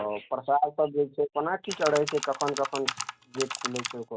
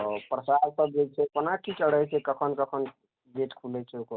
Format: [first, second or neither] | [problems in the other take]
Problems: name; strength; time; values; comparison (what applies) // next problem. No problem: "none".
second | background sound (Computer keyboard); 7 dB below the speech